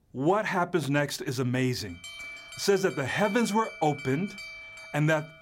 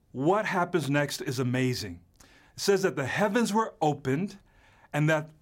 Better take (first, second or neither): second